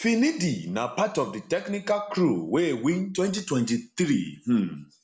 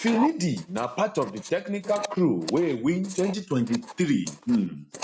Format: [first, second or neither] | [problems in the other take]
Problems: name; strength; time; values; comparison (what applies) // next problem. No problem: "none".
first | noise reduction (neural mask model RNNoise)